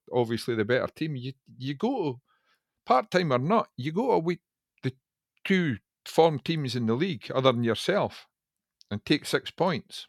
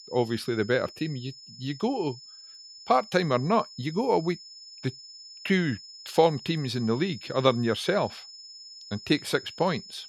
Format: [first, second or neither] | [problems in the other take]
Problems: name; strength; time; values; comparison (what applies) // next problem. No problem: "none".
first | high-pitched whine; noticeable; throughout; 5 kHz, 15 dB below the speech